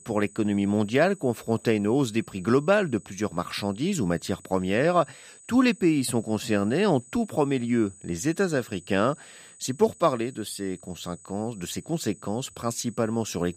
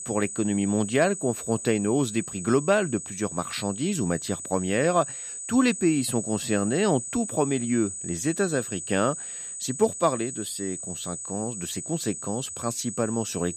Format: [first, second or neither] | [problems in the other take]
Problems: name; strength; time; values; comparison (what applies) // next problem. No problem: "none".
first | high-pitched whine; loud; throughout; 8 kHz, 7 dB below the speech; faint in the first